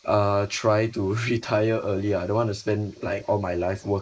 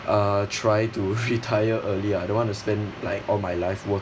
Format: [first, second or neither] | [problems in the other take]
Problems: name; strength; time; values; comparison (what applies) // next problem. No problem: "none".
second | noise reduction (neural mask model Resemble Enhance denoiser)